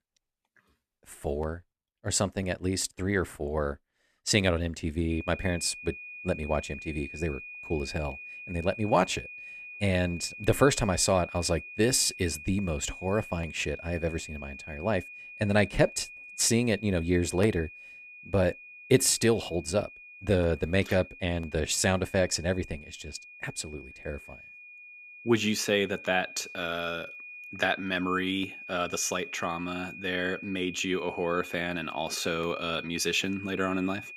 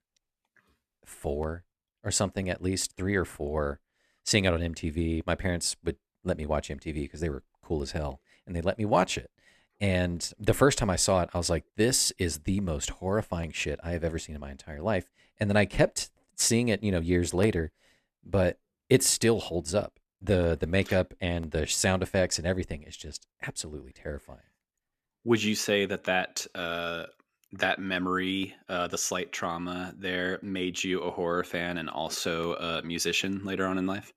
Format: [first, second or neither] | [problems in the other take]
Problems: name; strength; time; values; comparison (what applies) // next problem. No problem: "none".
second | high-pitched whine; noticeable; from 5 s on; 2.5 kHz, 15 dB below the speech